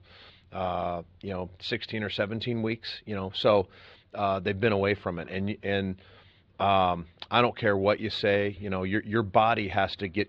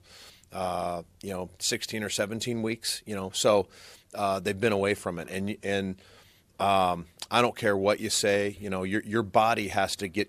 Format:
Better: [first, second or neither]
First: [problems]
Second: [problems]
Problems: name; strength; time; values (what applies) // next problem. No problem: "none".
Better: second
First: muffled; slightly; fading above 4 kHz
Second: none